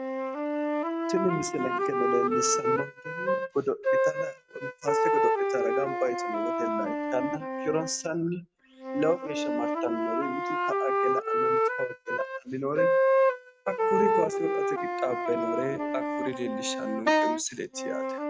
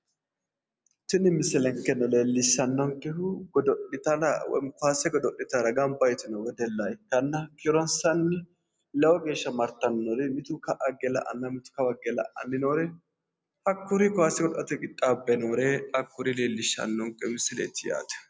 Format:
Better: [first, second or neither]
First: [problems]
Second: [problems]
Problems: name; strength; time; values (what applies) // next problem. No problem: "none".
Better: second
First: noise reduction (neural mask model RNNoise)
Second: none